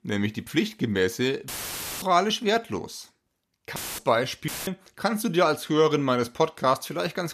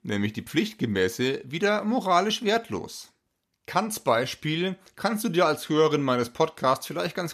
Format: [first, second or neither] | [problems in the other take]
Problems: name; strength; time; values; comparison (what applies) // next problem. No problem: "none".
second | audio cutting out; filled with static; at 1.5 s for 0.5 s, at 4 s and at 4.5 s